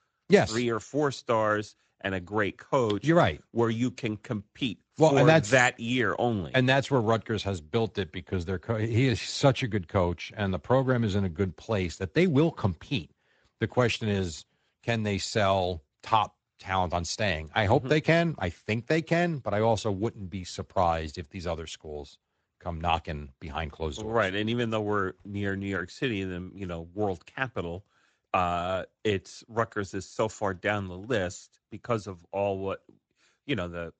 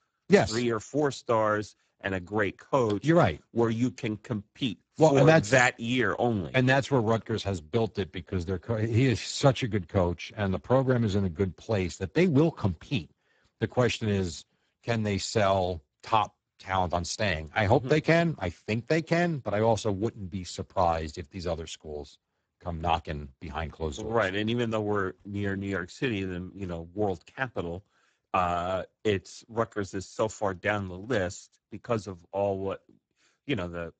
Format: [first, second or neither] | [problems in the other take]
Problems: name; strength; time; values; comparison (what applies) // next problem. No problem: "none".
first | garbled, watery; badly; nothing above 7.5 kHz; slightly in the first